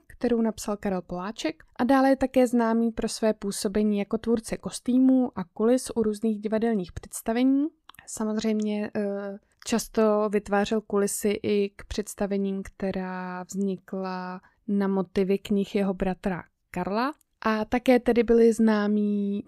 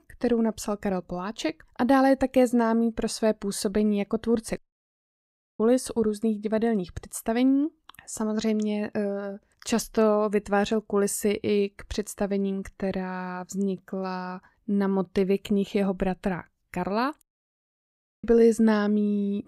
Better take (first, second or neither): first